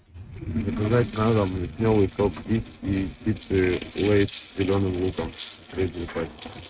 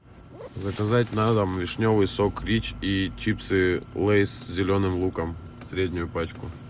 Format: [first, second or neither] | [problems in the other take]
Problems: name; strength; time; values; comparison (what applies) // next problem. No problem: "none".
second | noise reduction (neural mask model RNNoise)